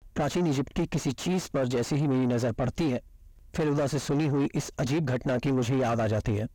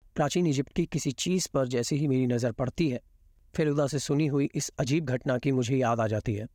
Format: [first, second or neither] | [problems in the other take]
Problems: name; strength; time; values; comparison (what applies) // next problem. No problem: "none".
second | distortion; heavy; 7 dB below the speech